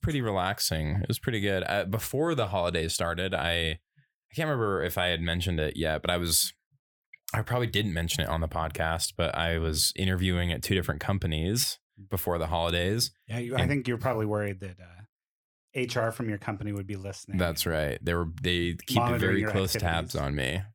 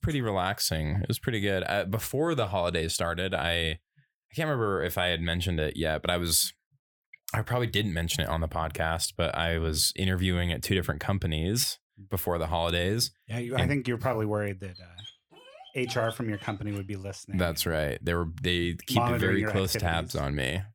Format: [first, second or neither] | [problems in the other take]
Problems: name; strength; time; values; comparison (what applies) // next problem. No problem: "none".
first | dog barking; faint; from 15 to 17 s; peak 15 dB below the speech